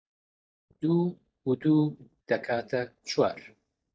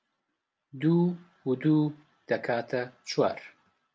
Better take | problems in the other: second | noise reduction (neural mask model DeepFilterNet 3)

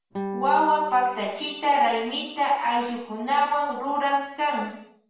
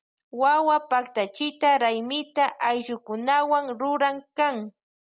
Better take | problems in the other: second | background sound (Guitar); 13 dB below the speech // room echo; dies away in 0.7 s

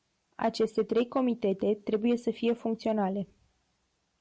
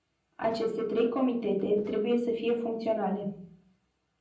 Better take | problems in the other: first | background sound (Walk, footsteps); 18 dB below the speech // room echo; dies away in 0.6 s

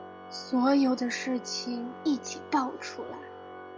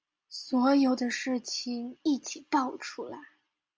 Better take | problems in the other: second | background sound (Organ); 13 dB below the speech

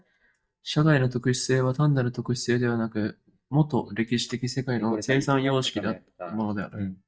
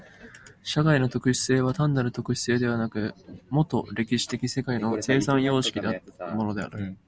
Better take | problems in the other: second | noise reduction (neural mask model DeepFilterNet 3)

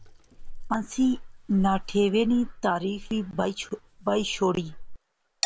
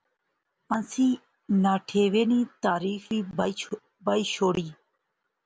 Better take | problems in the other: second | background sound (Chink, clink); 11 dB below the speech

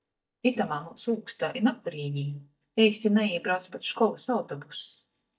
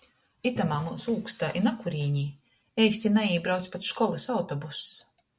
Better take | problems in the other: second | noise reduction (neural mask model DeepFilterNet 3)

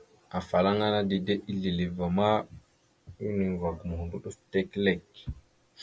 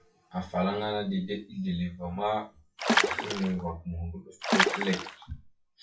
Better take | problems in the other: first | noise reduction (classical method WPE with log-MMSE)

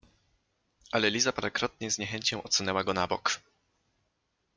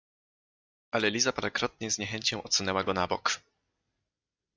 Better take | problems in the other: first | noise reduction (neural mask model DeepFilterNet 3)

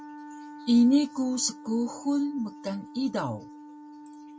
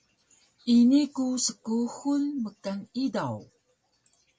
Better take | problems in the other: second | background sound (Wind instrument, woodwind instrument); 17 dB below the speech

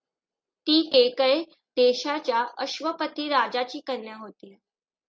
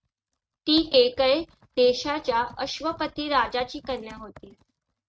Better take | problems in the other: first | noise reduction (neural mask model RNNoise)

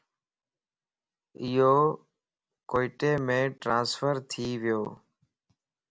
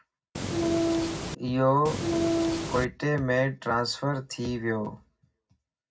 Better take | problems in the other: first | background sound (Train); 2 dB above the speech // room echo; dies away in 0.4 s

